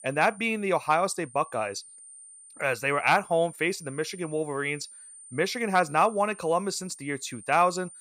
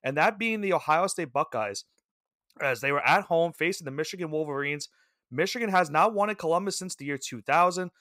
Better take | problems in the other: second | high-pitched whine; noticeable; throughout; 9 kHz, 20 dB below the speech

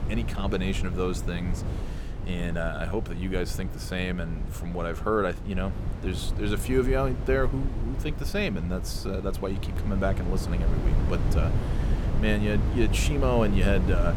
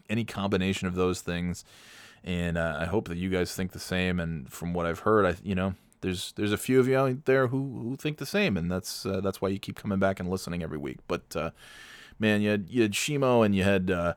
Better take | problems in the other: second | wind noise on the microphone; heavy; 9 dB below the speech

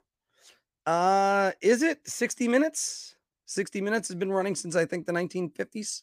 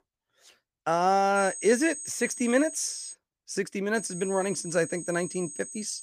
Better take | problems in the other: first | high-pitched whine; noticeable; from 1.5 to 3 s and from 4 s on; 8.5 kHz, 10 dB below the speech

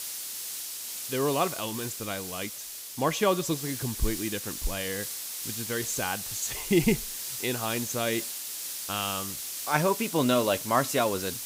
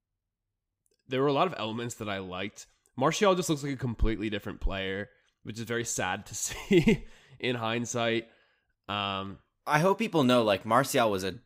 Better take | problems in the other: second | hiss; loud; throughout; 4 dB below the speech

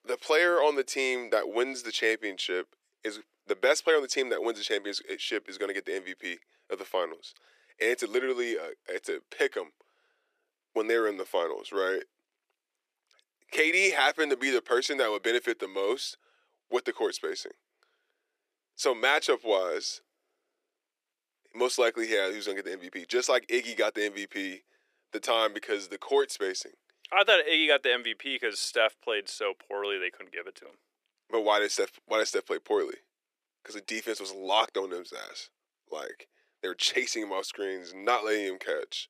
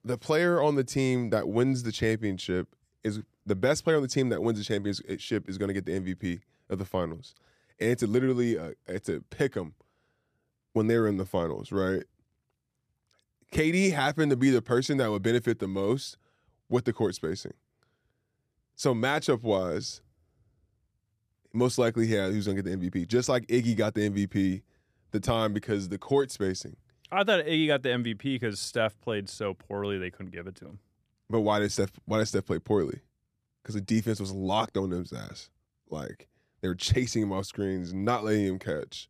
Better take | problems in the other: second | thin; very; fading below 350 Hz

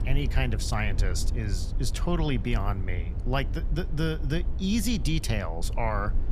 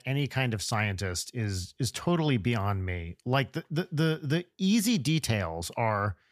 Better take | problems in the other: second | low rumble; noticeable; throughout; 15 dB below the speech

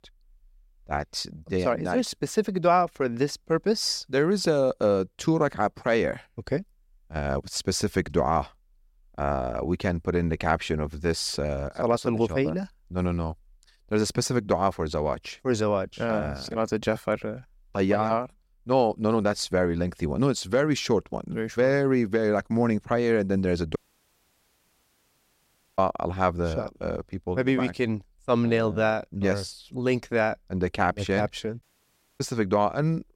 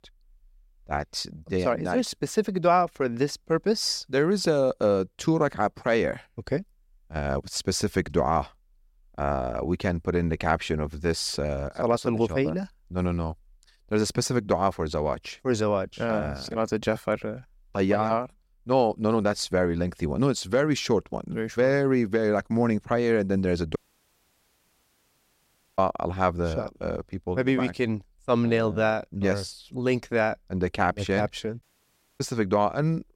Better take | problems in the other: neither | audio cutting out; at 24 s for 2 s and at 32 s for 0.5 s; the same in both

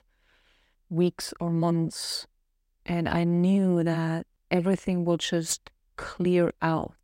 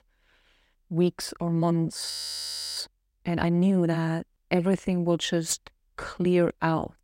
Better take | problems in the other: first | audio freezing; at 2 s for 0.5 s

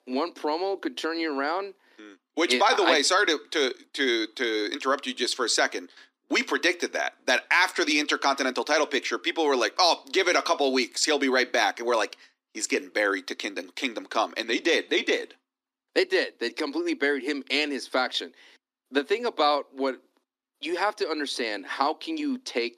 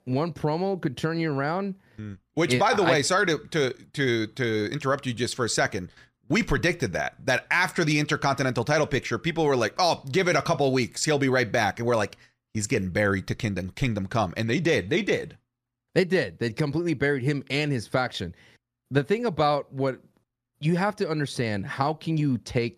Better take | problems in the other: second | thin; somewhat; fading below 250 Hz

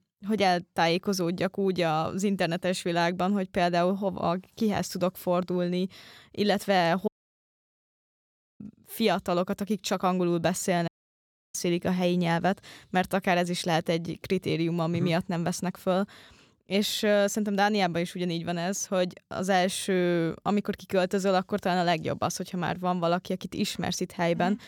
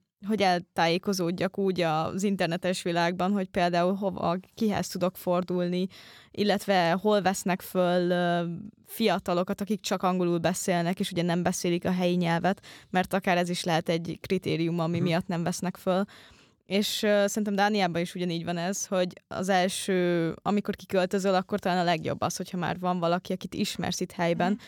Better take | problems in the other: second | audio cutting out; at 7 s for 1.5 s and at 11 s for 0.5 s

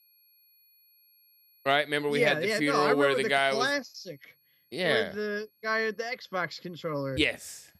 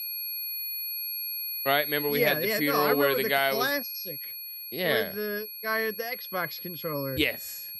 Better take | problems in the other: first | high-pitched whine; loud; throughout; 11.5 kHz, 5 dB below the speech; faint in the first

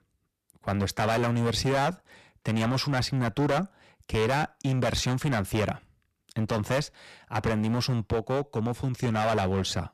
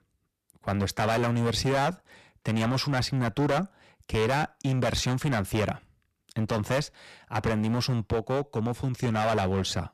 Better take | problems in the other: neither | distortion; heavy; 14% of the sound clipped; the same in both

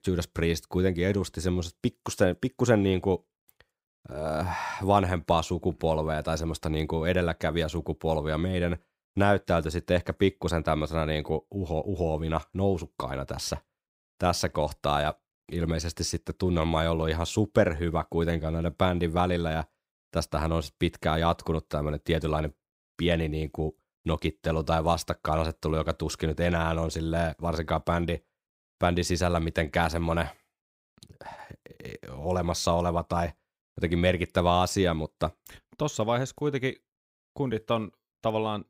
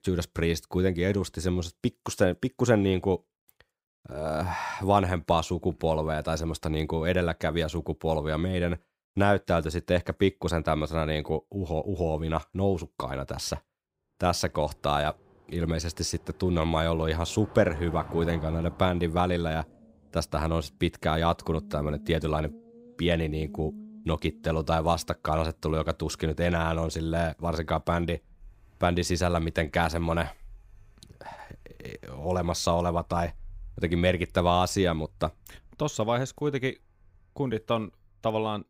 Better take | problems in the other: first | traffic noise; faint; from 14 s on; 20 dB below the speech

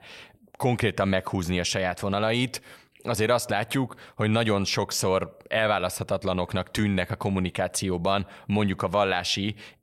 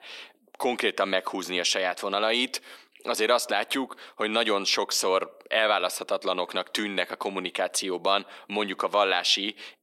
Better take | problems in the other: first | thin; somewhat; fading below 250 Hz

